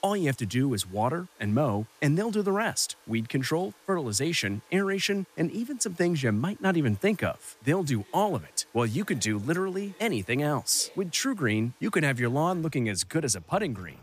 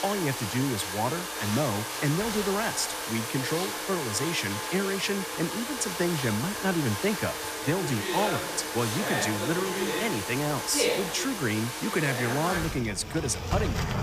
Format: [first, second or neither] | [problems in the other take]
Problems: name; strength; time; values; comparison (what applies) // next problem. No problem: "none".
first | household noises; loud; throughout; 1 dB below the speech; faint in the first